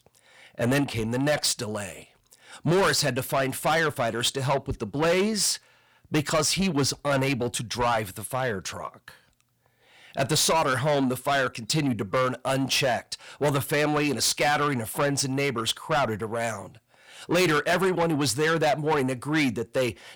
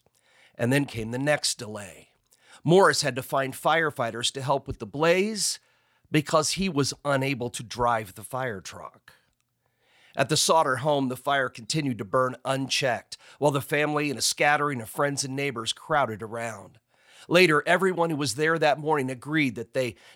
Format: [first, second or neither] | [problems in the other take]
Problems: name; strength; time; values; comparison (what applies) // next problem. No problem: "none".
second | distortion; heavy; 7 dB below the speech